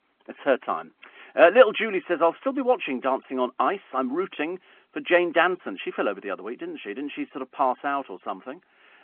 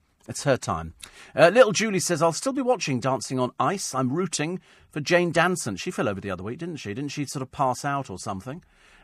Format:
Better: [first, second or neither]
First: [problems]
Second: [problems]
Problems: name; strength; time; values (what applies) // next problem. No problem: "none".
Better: second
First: phone-call audio; nothing above 3 kHz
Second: none